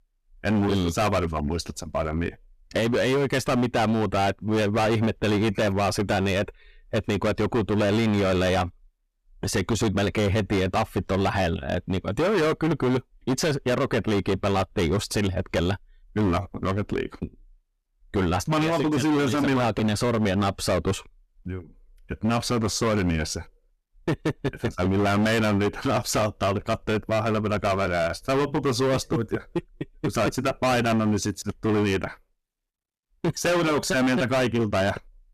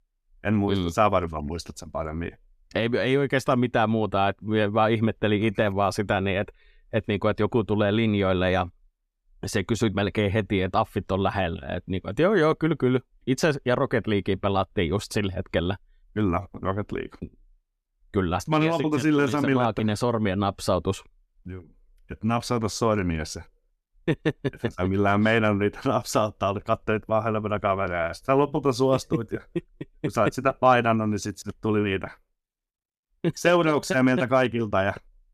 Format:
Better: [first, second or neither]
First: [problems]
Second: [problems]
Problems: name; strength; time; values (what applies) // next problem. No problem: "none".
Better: second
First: distortion; heavy; 19% of the sound clipped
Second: none